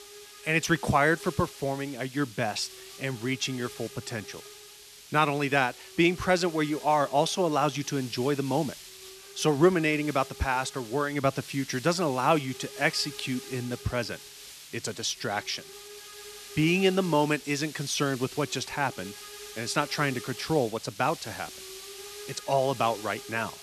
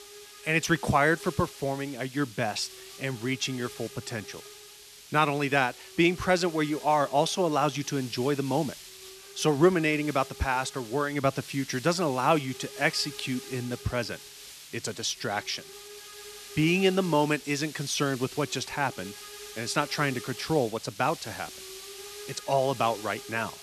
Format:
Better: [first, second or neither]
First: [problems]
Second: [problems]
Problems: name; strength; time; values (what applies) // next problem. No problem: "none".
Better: neither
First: hiss; noticeable; throughout; 15 dB below the speech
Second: hiss; noticeable; throughout; 15 dB below the speech